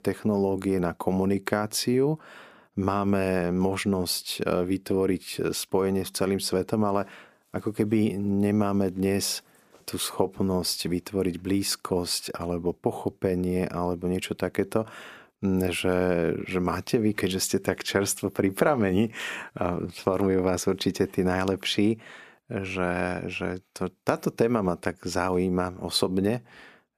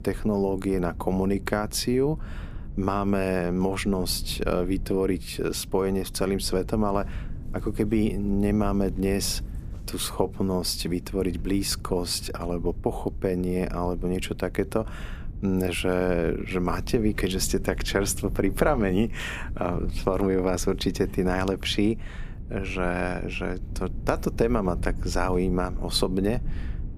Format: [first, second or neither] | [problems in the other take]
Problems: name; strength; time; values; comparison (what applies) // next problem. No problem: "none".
first | low rumble; faint; throughout; 20 dB below the speech